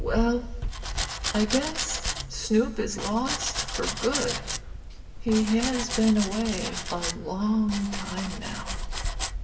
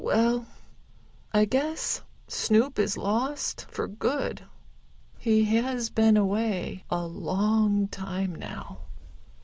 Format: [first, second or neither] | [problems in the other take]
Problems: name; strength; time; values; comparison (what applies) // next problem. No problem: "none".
second | background sound (Domestic sounds, home sounds); 4 dB below the speech // room echo; dies away in 0.9 s